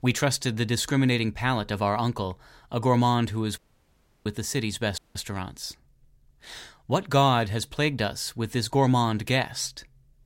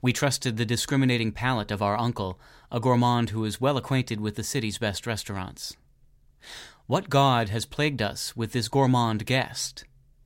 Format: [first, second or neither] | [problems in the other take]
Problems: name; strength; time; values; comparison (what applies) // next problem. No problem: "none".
second | audio cutting out; at 3.5 s for 0.5 s and at 5 s